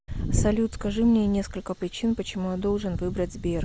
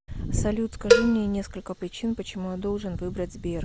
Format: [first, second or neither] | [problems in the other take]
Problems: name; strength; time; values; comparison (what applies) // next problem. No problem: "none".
first | background sound (Cowbell); 1 dB above the speech